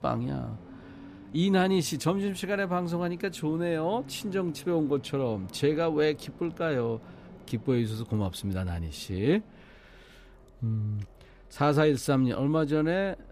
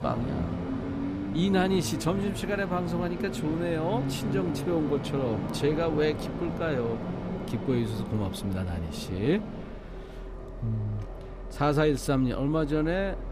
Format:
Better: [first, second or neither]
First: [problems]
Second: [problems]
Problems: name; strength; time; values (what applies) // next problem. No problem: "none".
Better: first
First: train or aircraft noise; faint; throughout; 20 dB below the speech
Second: train or aircraft noise; loud; throughout; 6 dB below the speech